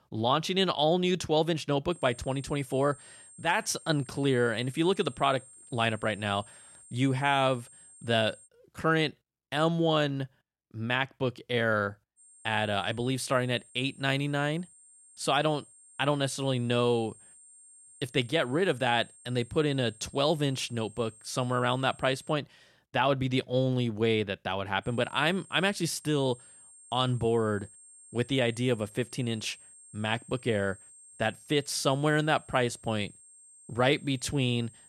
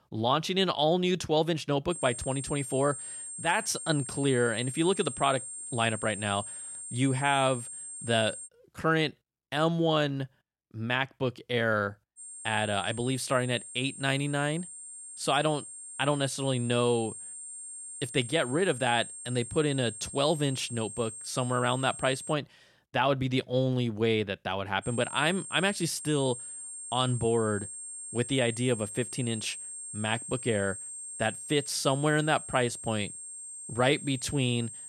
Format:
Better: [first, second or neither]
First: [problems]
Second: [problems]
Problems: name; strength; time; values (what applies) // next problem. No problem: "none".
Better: first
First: high-pitched whine; faint; from 2 to 8.5 s, from 12 to 22 s and from 25 s on; 8.5 kHz, 20 dB below the speech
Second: high-pitched whine; loud; from 2 to 8.5 s, from 12 to 22 s and from 25 s on; 8.5 kHz, 10 dB below the speech